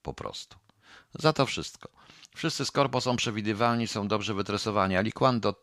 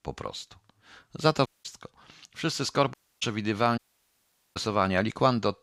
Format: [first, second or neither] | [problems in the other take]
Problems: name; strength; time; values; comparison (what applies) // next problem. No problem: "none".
first | audio cutting out; at 1.5 s, at 3 s and at 4 s for 1 s